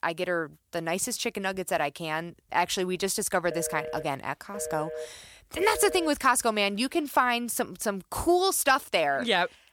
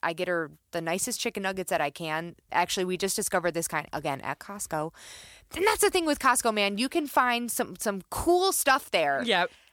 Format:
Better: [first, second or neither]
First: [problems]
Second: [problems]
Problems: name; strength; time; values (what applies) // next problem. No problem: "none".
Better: second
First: phone ringing; noticeable; from 3.5 to 6 s; peak 9 dB below the speech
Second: none